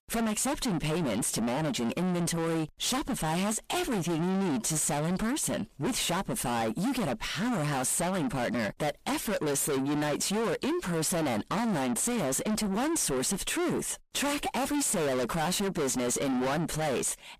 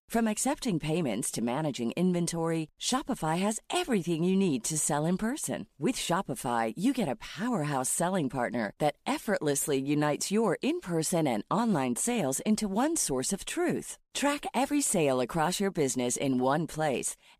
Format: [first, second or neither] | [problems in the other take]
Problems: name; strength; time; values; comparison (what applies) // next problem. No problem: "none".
second | distortion; heavy; 5 dB below the speech